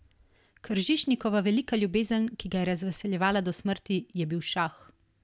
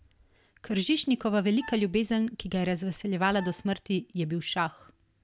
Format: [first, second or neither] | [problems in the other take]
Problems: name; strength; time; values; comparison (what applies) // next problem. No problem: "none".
first | background sound (Wind instrument, woodwind instrument); 20 dB below the speech